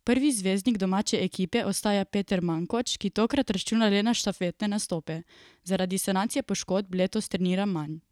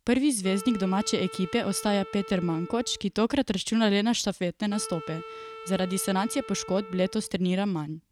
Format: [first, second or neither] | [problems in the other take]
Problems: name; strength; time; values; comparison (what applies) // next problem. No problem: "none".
first | background sound (Wind instrument, woodwind instrument); 16 dB below the speech